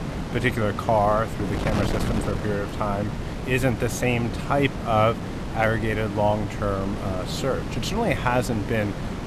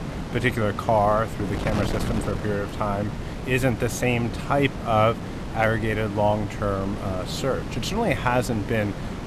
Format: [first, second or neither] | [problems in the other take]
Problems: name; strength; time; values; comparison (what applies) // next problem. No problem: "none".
second | wind noise on the microphone; heavy; 9 dB below the speech; occasional gusts in the second